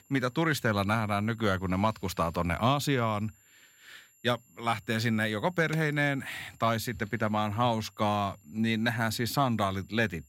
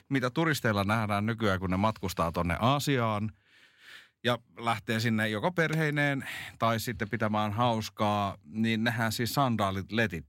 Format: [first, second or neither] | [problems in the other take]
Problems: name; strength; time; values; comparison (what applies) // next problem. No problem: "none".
second | high-pitched whine; faint; throughout; 7.5 kHz, 30 dB below the speech